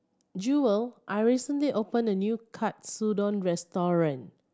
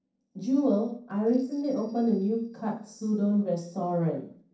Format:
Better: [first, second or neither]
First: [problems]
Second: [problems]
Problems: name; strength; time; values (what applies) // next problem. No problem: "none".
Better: first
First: none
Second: noise reduction (neural separator model SepFormer DNS4)